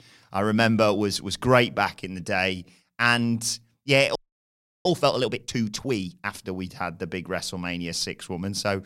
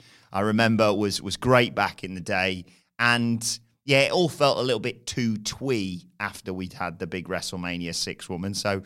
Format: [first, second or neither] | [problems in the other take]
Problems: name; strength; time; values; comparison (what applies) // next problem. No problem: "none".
second | audio freezing; at 4 s for 0.5 s